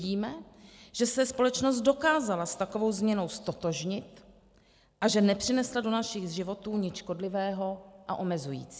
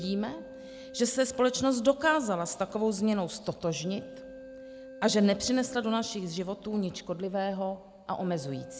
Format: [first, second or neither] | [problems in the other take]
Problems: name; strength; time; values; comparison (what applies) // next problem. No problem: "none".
first | background sound (Keyboard (musical)); 18 dB below the speech